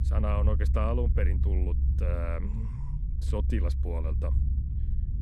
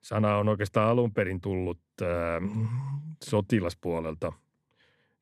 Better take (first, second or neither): second